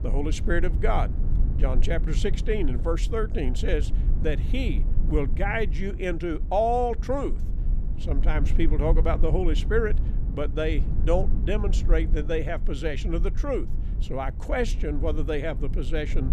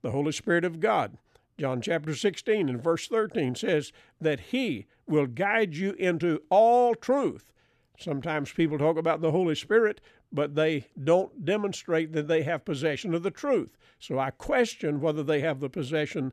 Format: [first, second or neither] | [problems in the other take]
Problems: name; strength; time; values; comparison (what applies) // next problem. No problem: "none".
second | low rumble; noticeable; throughout; 15 dB below the speech